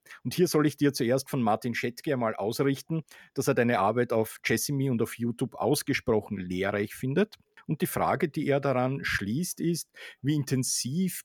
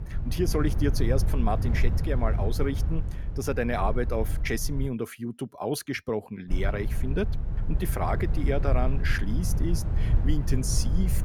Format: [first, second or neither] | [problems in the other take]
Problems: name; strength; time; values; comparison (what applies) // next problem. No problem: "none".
first | wind noise on the microphone; occasional gusts; until 5 s and from 6.5 s on; 10 dB below the speech